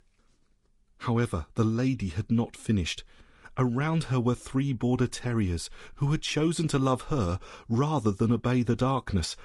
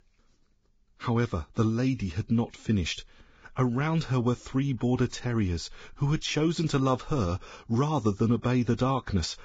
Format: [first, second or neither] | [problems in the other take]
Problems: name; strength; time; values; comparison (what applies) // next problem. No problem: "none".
first | garbled, watery; badly; nothing above 7.5 kHz; slightly in the first